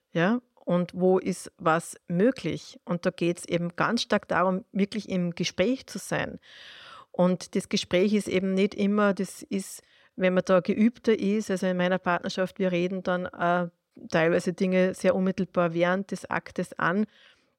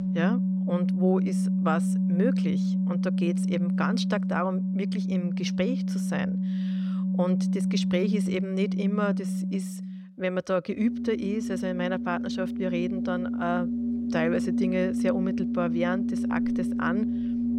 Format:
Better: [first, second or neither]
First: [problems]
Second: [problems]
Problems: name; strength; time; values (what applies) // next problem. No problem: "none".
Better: first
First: none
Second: background music; very loud; throughout; 3 dB above the speech